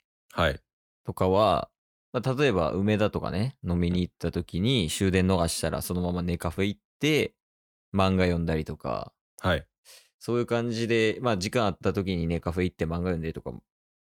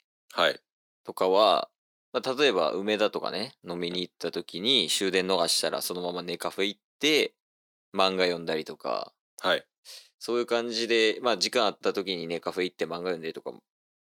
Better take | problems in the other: first | thin; somewhat; fading below 300 Hz

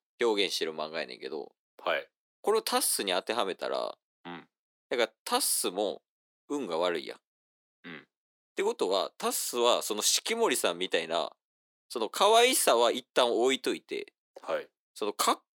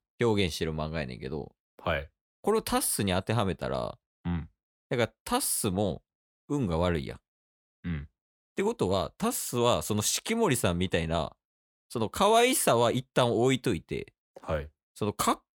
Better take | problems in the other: second | thin; somewhat; fading below 300 Hz

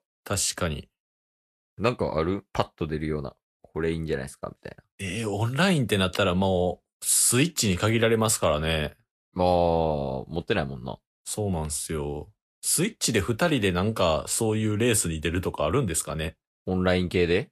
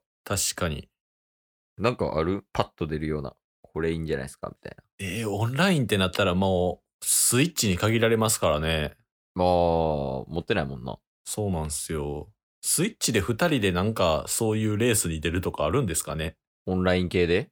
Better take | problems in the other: second | garbled, watery; slightly; nothing above 11.5 kHz

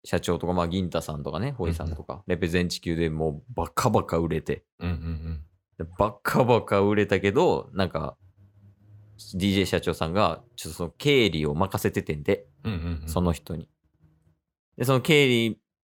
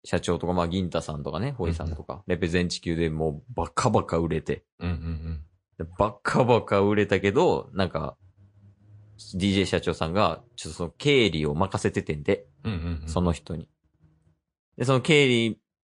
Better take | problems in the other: first | garbled, watery; slightly; nothing above 8 kHz

